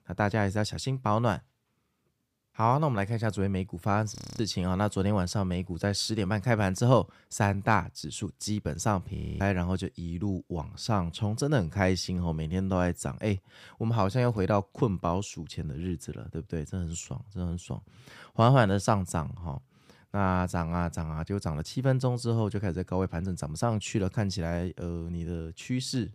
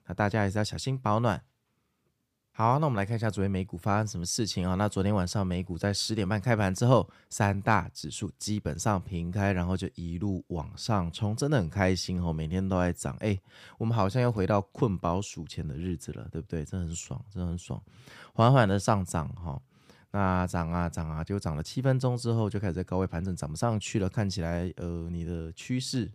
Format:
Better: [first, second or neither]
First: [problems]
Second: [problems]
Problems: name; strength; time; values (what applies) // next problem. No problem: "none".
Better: second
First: audio freezing; at 4 s and at 9 s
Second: none